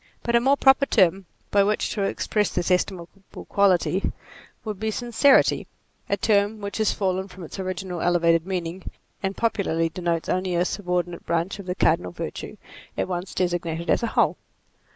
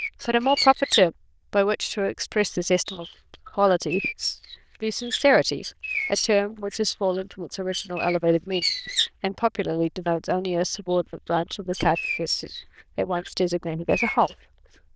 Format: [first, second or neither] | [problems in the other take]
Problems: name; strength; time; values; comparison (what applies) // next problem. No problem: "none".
first | noise reduction (neural diffusion model UNIVERSE++)